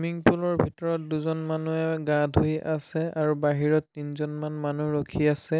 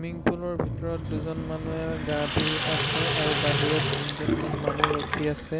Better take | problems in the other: first | background sound (Sink (filling or washing) / Water tap, faucet); 1 dB above the speech

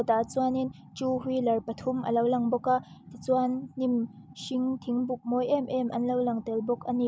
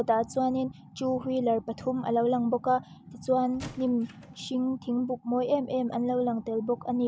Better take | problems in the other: first | background sound (Squeak / Wood); 18 dB below the speech

